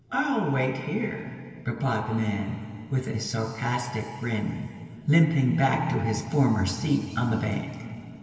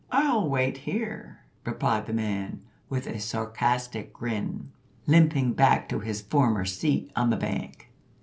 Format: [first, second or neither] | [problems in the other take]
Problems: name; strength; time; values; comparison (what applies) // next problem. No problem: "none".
second | room echo; dies away in 2.6 s